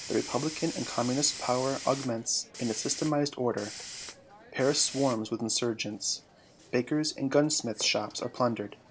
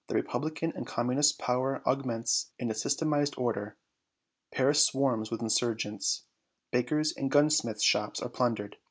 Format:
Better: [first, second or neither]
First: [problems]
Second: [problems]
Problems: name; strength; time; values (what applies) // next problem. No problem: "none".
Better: second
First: background sound (Hiss); 14 dB below the speech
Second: none